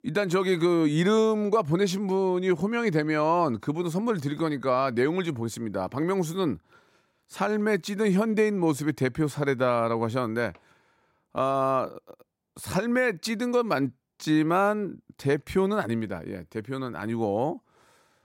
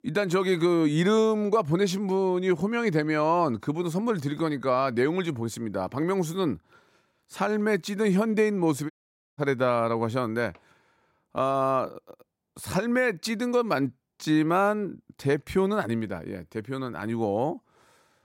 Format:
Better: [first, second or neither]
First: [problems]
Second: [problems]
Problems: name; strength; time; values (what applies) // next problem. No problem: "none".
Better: first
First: none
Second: audio cutting out; at 9 s